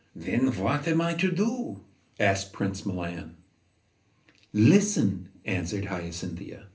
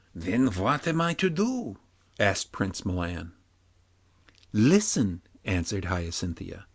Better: second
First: room echo; dies away in 0.3 s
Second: none

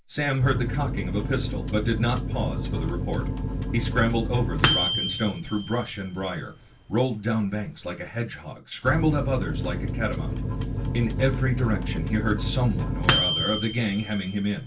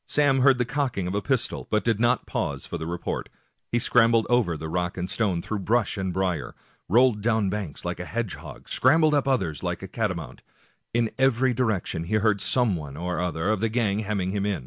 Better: second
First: background sound (Microwave oven); 1 dB below the speech // room echo; dies away in 0.2 s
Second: none

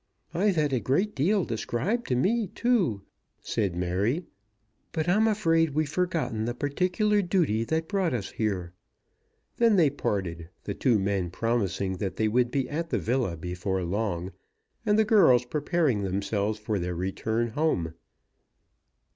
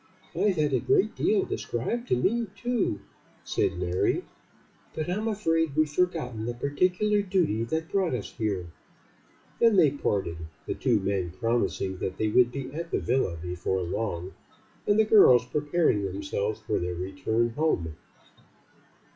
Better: first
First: none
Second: noise reduction (classical method WPE with log-MMSE)

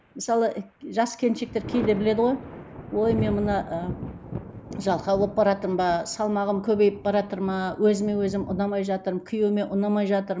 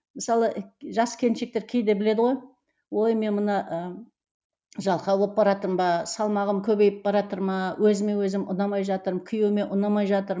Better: second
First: background sound (Thunder); 13 dB below the speech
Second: none

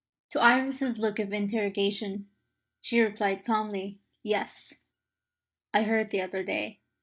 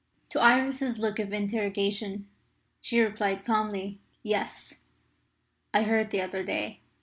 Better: second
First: noise reduction (neural mask model DeepFilterNet 3)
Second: none

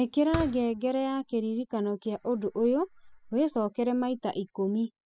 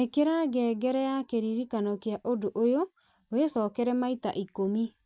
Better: second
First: noise reduction (classical method spectral subtraction)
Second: none

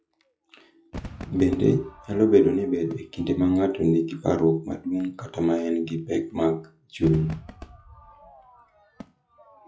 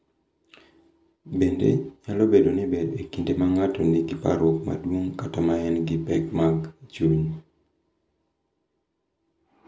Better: second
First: noise reduction (classical method log-MMSE)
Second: none

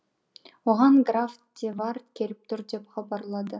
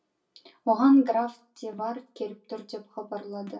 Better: first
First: none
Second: room echo; dies away in 0.2 s

